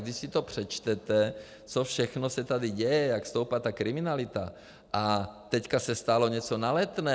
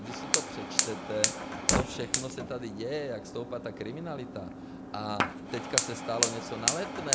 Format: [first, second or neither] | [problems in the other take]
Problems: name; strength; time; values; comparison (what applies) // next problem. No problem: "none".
first | background sound (Fire); 4 dB above the speech